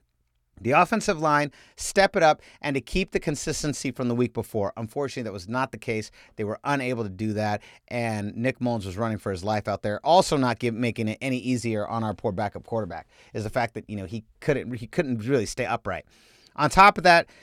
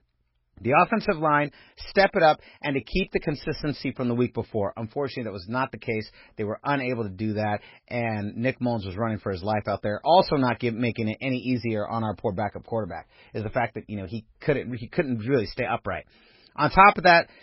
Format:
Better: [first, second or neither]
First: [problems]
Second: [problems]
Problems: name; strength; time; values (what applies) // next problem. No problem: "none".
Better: first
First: none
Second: garbled, watery; badly; nothing above 5.5 kHz